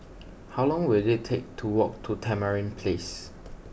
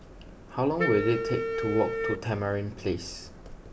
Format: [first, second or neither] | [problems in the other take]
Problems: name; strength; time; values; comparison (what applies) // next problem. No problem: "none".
first | background sound (Wind instrument, woodwind instrument); 3 dB below the speech